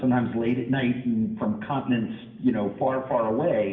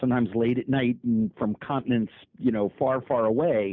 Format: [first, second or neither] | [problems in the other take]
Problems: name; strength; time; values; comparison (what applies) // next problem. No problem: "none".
second | room echo; dies away in 1.1 s